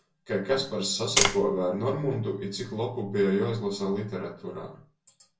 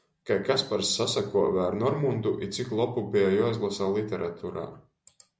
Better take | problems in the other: second | background sound (Tap); 4 dB above the speech // room echo; dies away in 0.2 s

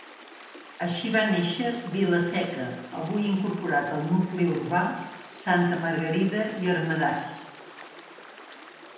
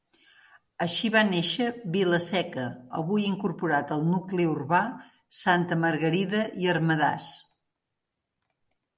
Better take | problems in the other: second | background sound (Stream); 18 dB below the speech // room echo; dies away in 0.9 s

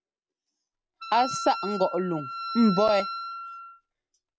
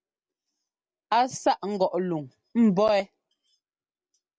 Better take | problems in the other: second | background sound (Wind instrument, woodwind instrument); 7 dB below the speech

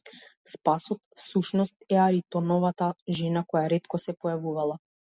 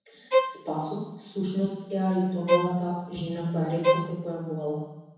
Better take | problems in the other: first | background sound (Bowed string instrument); 1 dB above the speech // room echo; dies away in 1.1 s

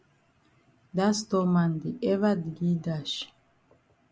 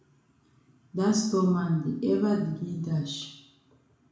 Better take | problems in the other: first | room echo; dies away in 0.6 s

